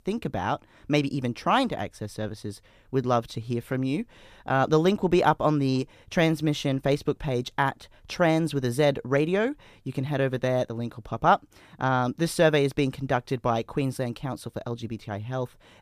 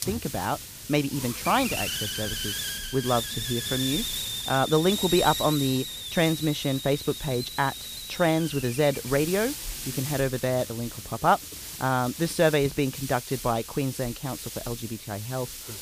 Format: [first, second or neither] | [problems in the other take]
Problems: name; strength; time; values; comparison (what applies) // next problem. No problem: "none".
first | hiss; loud; throughout; 5 dB below the speech